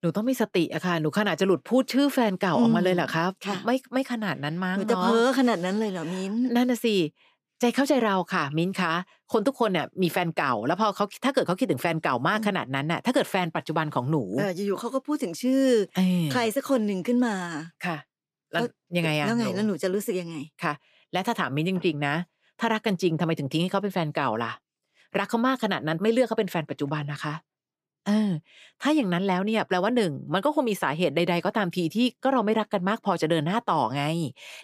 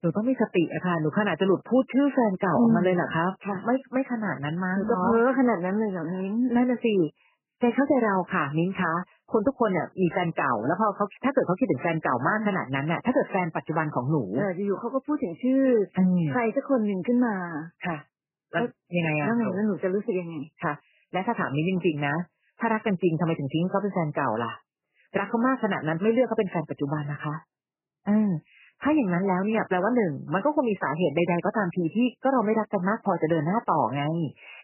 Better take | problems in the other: first | garbled, watery; badly; nothing above 3 kHz

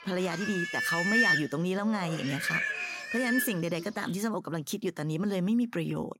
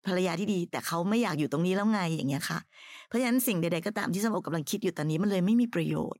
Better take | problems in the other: second | animal sounds; very loud; until 4 s; 2 dB above the speech

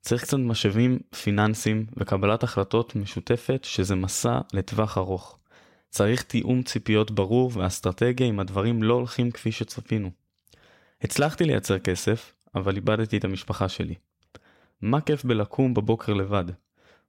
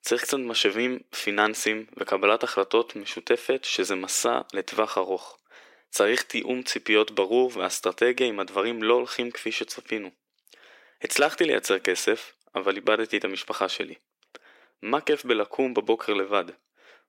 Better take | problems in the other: first | thin; somewhat; fading below 350 Hz

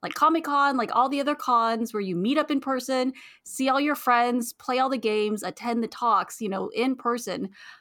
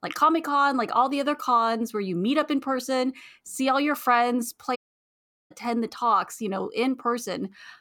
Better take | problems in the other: first | audio cutting out; at 5 s for 0.5 s

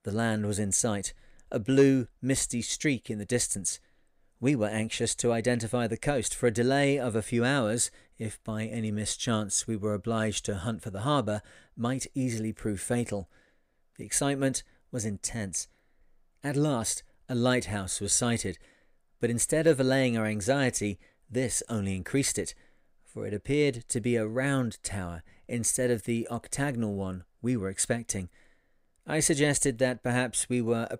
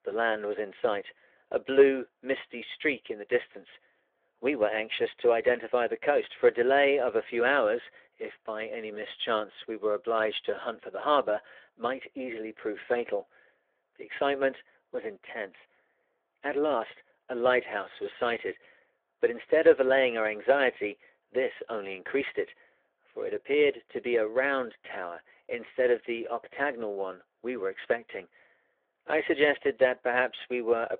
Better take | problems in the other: first | phone-call audio; nothing above 3.5 kHz

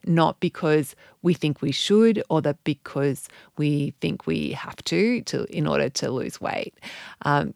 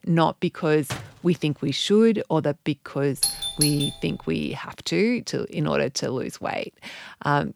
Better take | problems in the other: first | door banging; faint; at 1 s; peak 10 dB below the speech // doorbell; loud; at 3 s; peak 1 dB above the speech

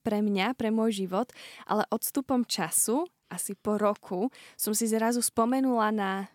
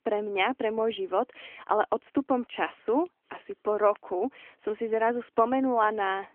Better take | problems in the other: first | phone-call audio; nothing above 3.5 kHz

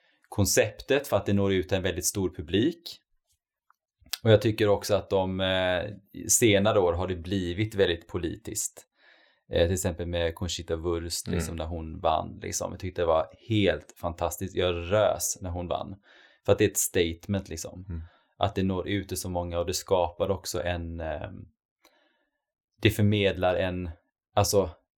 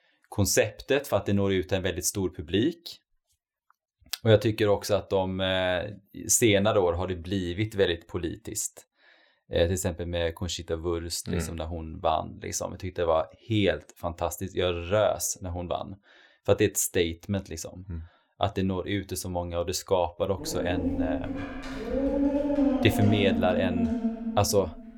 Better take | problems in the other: first | dog barking; loud; from 20 s on; peak 3 dB above the speech

